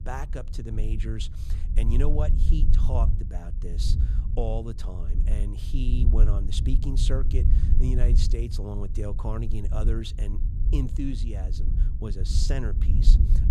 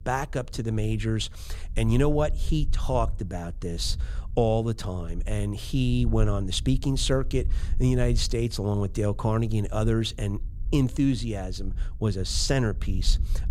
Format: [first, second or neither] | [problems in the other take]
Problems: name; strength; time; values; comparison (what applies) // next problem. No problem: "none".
second | low rumble; loud; throughout; 7 dB below the speech; faint in the second